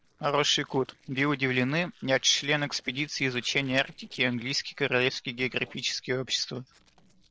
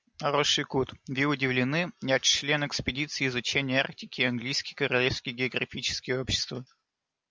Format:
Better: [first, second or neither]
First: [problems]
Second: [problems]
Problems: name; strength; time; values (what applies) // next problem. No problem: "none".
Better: second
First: noise reduction (neural separator model SepFormer DNS4)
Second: none